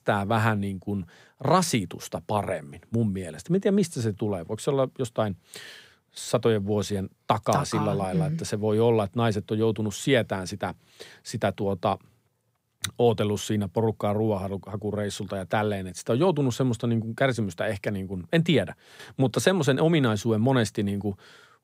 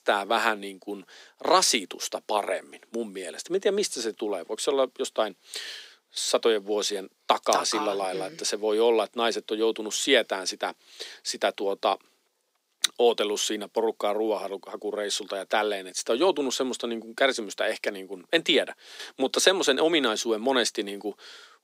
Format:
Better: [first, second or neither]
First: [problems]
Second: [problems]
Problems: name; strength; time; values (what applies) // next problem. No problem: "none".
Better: first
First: none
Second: thin; somewhat; fading below 300 Hz